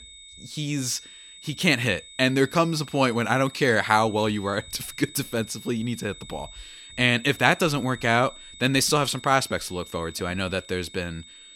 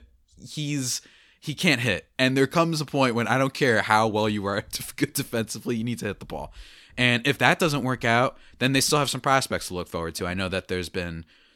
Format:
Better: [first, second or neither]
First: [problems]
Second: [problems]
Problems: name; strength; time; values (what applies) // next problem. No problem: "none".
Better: second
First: high-pitched whine; noticeable; throughout; 3.5 kHz, 20 dB below the speech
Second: none